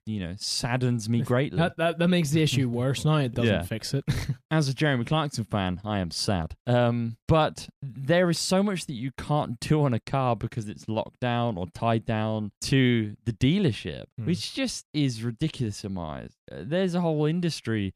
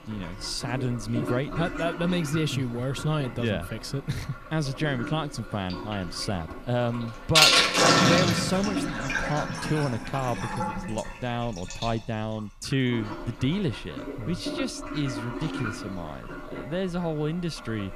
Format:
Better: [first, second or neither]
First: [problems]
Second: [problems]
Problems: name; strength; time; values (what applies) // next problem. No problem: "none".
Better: first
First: none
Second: household noises; very loud; throughout; 4 dB above the speech